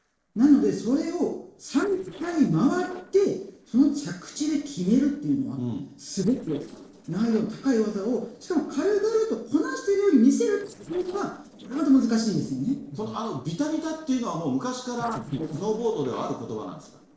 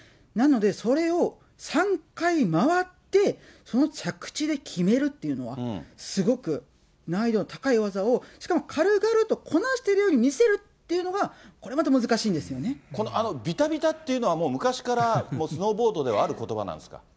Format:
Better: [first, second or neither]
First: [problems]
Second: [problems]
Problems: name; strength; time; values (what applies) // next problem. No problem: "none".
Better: second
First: noise reduction (neural separator model SepFormer DNS4)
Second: none